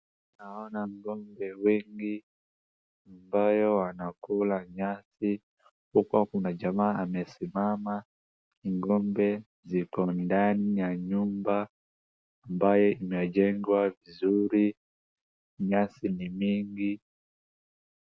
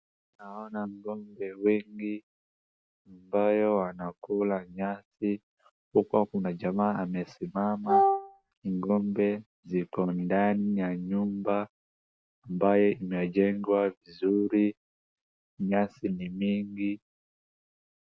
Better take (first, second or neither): first